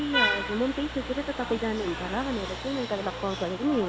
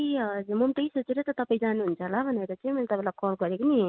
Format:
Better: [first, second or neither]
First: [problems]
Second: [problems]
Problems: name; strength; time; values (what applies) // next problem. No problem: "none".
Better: second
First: background sound (Vehicle horn, car horn, honking); 3 dB below the speech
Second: none